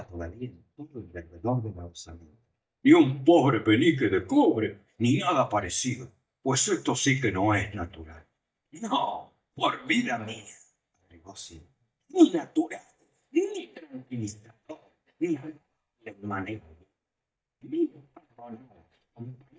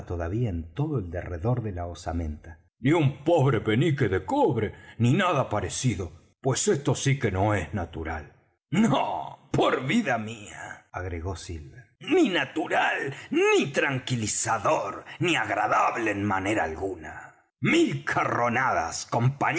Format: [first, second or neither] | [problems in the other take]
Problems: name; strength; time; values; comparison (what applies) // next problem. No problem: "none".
second | noise reduction (neural mask model DeepFilterNet 3)